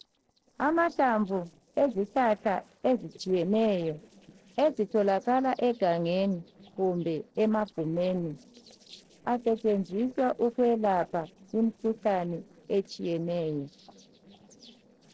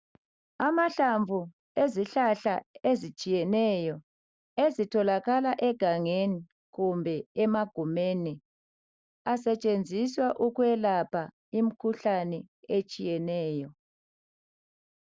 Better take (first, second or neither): second